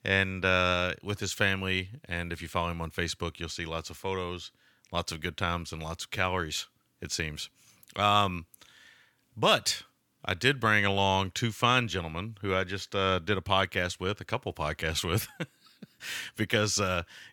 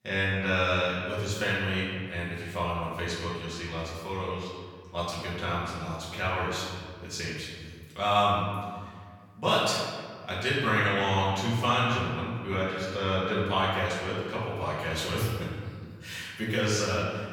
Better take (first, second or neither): first